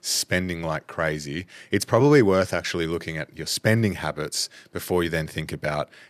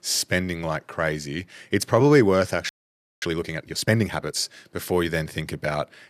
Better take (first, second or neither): first